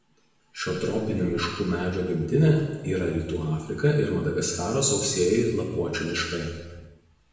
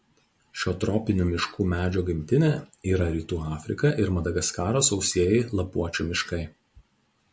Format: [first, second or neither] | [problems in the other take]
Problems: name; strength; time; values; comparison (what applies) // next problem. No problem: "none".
second | room echo; dies away in 1.2 s